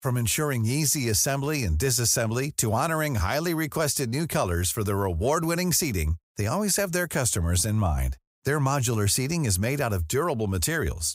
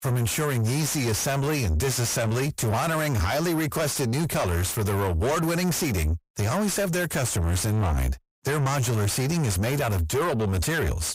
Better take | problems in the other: first | distortion; heavy; 7 dB below the speech

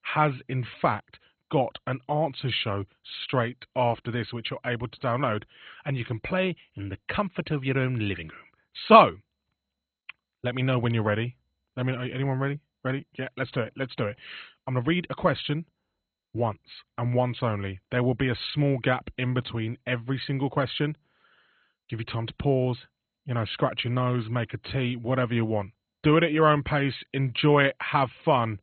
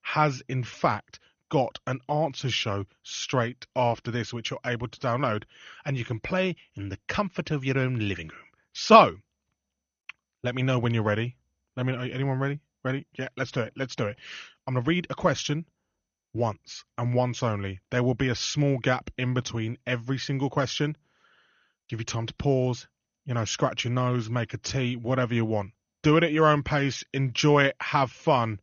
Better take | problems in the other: second | garbled, watery; badly; nothing above 4 kHz; slightly in the second

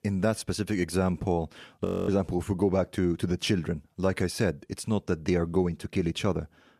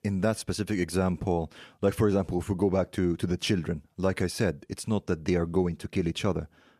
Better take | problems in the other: second | audio freezing; at 2 s

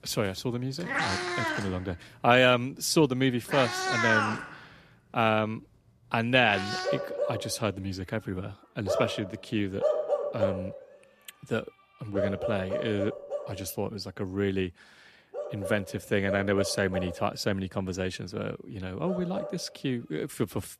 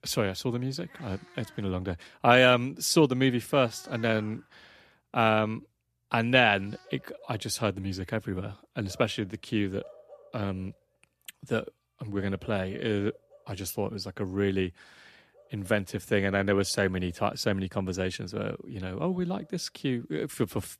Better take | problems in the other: second | animal sounds; loud; throughout; 3 dB below the speech; faint in the second

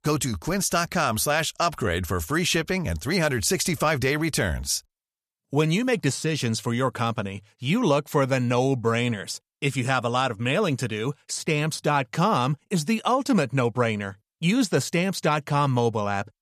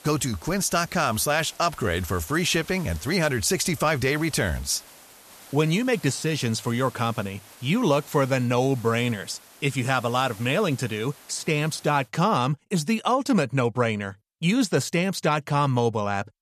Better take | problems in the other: first | hiss; faint; until 12 s; 20 dB below the speech

